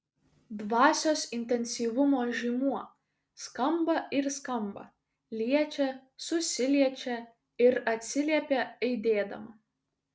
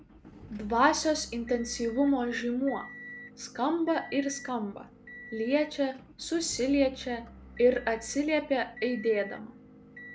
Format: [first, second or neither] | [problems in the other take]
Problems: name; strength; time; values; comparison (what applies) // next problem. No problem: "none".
first | background sound (Motor vehicle (road) / Engine); 18 dB below the speech